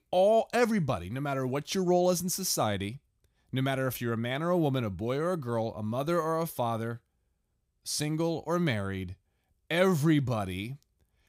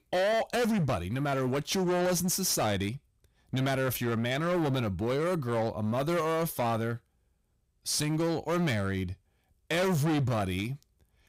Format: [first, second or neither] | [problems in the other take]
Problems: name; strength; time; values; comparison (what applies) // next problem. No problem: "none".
first | distortion; heavy; 19% of the sound clipped